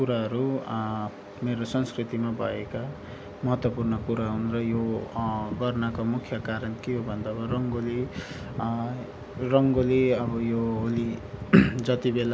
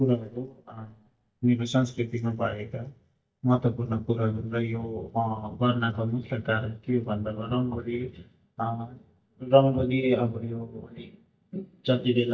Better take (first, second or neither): first